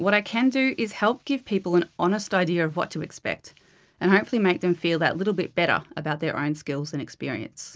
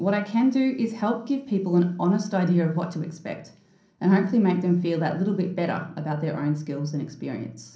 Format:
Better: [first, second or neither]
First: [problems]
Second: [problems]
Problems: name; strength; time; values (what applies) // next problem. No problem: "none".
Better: first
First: none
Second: room echo; dies away in 0.6 s